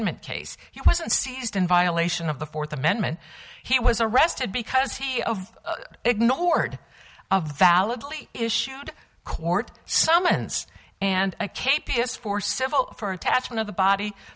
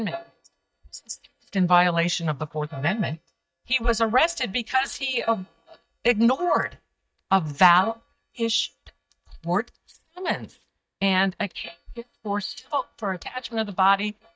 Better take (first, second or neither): first